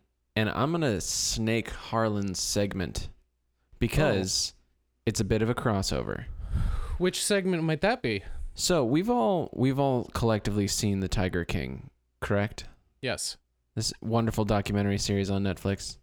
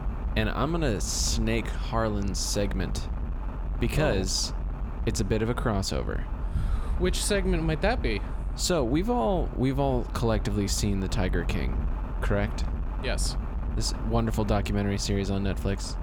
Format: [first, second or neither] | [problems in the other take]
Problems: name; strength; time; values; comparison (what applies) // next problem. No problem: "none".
first | wind noise on the microphone; occasional gusts; 15 dB below the speech